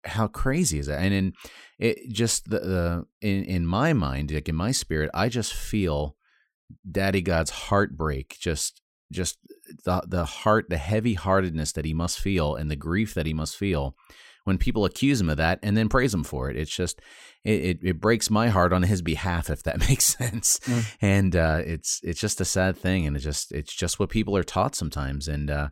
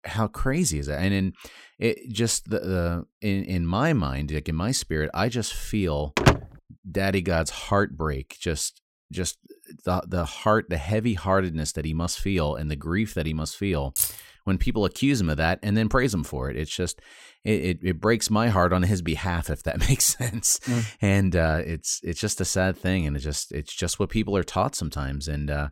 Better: first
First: none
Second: door banging; loud; at 6 s; peak 5 dB above the speech // jangling keys; loud; at 14 s; peak 1 dB above the speech

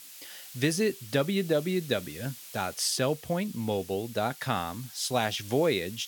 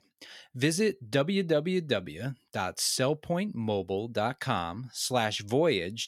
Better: second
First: hiss; noticeable; throughout; 15 dB below the speech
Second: none

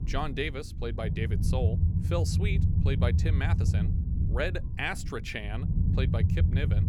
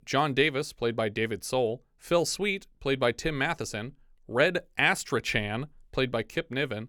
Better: second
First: low rumble; loud; throughout; 6 dB below the speech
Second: none

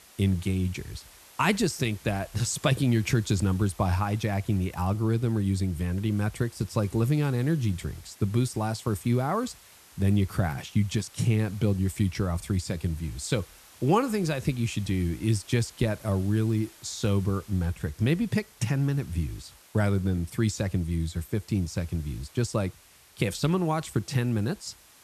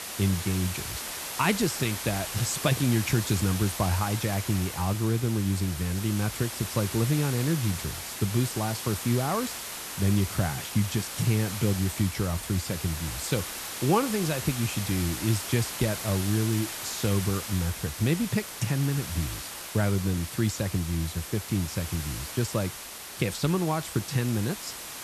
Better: first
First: hiss; faint; throughout; 25 dB below the speech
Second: hiss; loud; throughout; 6 dB below the speech

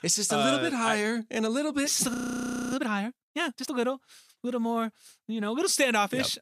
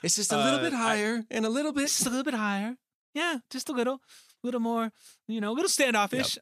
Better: second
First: audio freezing; at 2 s for 0.5 s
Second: none

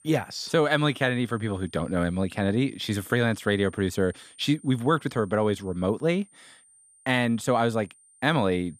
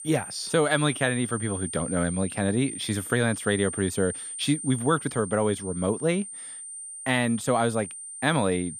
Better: first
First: high-pitched whine; faint; throughout; 9 kHz, 25 dB below the speech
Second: high-pitched whine; loud; throughout; 9 kHz, 9 dB below the speech

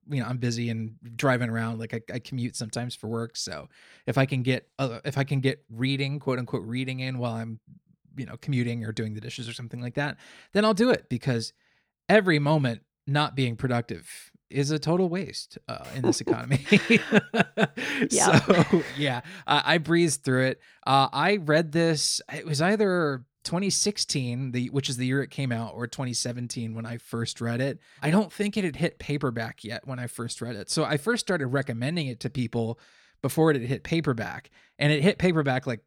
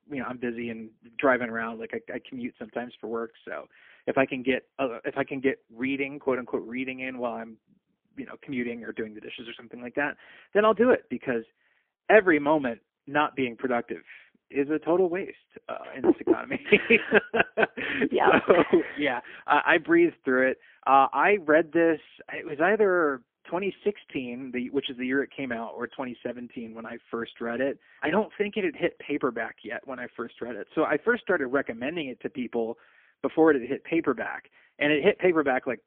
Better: first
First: none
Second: phone-call audio; poor line; nothing above 3.5 kHz

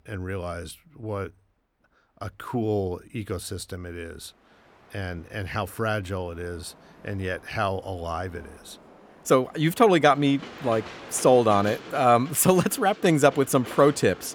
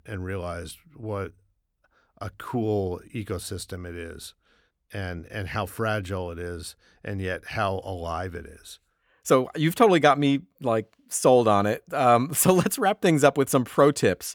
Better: second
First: train or aircraft noise; noticeable; throughout; 20 dB below the speech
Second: none

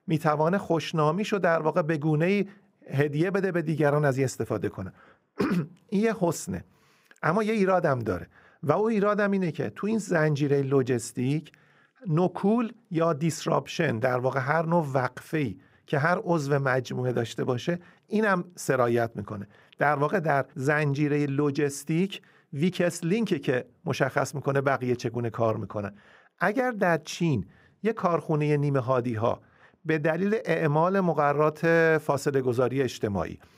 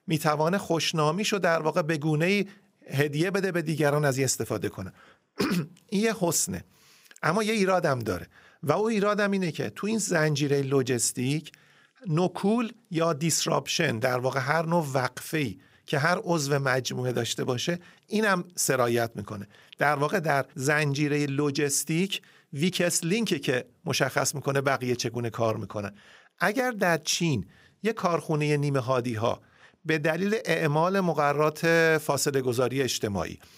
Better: second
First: muffled; slightly; fading above 2.5 kHz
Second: none

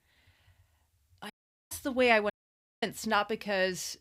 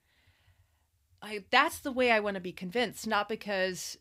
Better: second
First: audio cutting out; at 1.5 s and at 2.5 s for 0.5 s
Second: none

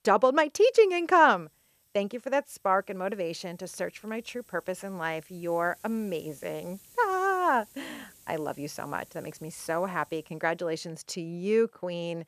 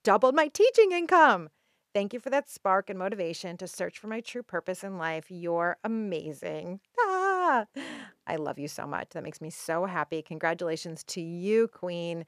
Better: second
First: hiss; faint; throughout; 25 dB below the speech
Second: none

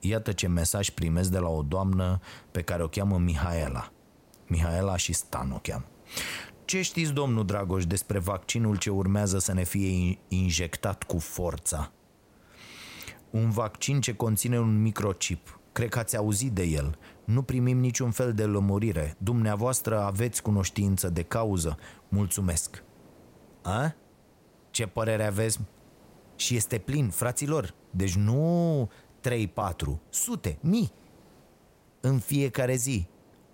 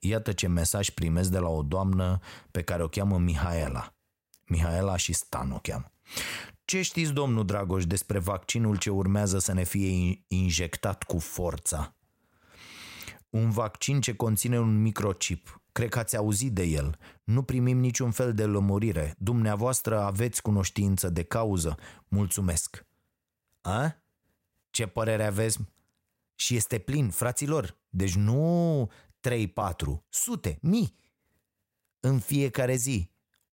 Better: second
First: hiss; faint; throughout; 30 dB below the speech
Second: none

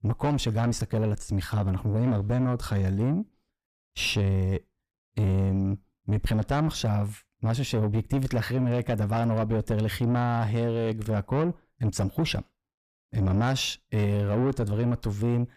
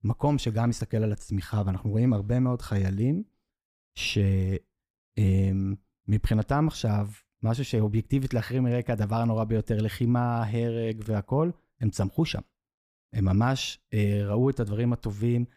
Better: second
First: distortion; slight; 10 dB below the speech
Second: none

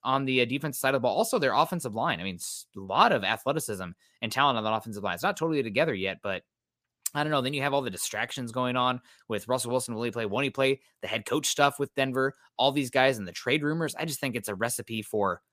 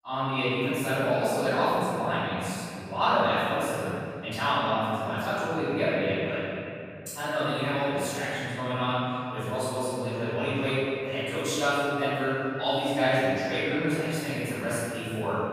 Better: first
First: none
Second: off-mic speech; far // room echo; strong; dies away in 3 s

